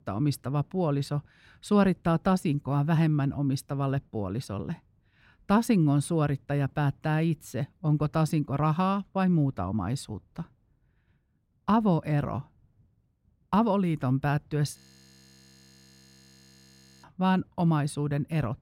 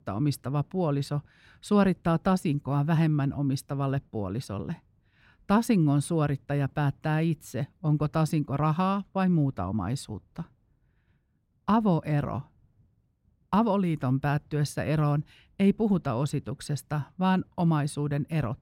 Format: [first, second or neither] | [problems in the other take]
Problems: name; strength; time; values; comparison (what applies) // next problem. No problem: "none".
second | audio freezing; at 15 s for 2.5 s